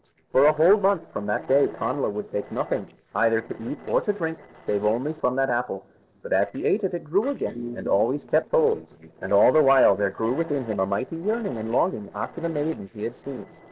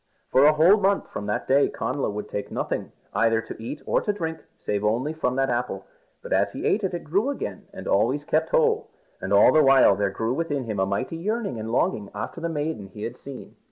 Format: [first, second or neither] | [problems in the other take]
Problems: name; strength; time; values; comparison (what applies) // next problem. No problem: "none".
second | noise reduction (neural separator model SepFormer DNS4)